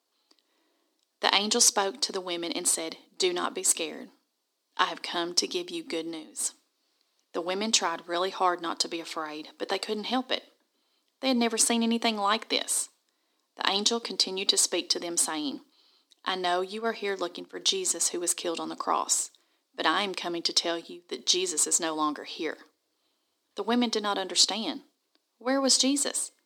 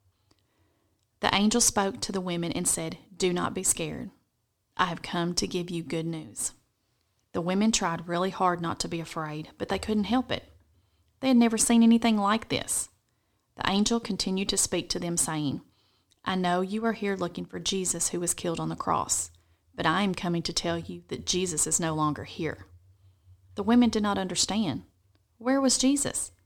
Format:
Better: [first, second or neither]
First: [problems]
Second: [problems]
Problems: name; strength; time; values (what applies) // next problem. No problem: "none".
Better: second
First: thin; very slightly; fading below 250 Hz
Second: none